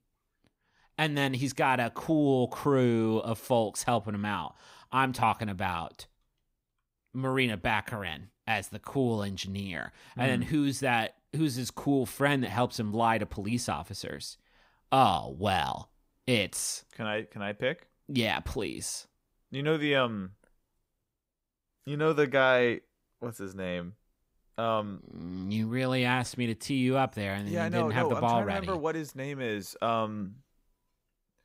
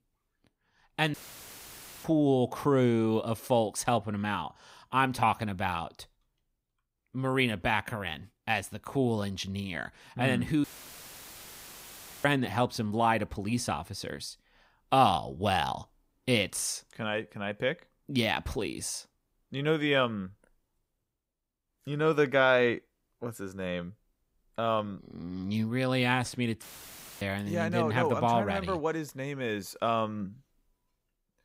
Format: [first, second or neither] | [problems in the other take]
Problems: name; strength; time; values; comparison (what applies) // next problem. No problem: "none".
first | audio cutting out; filled with static; at 1 s for 1 s, at 11 s for 1.5 s and at 27 s for 0.5 s